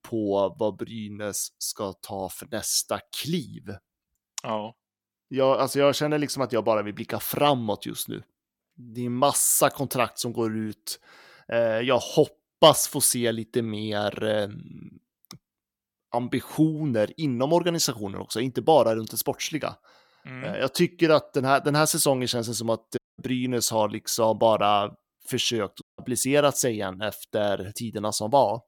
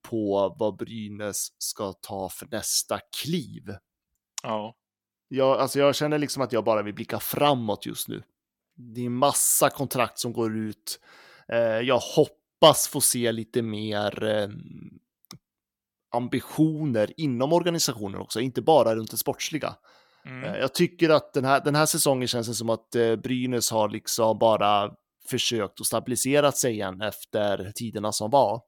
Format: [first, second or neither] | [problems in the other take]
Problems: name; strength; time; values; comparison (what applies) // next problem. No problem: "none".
second | audio cutting out; at 23 s and at 26 s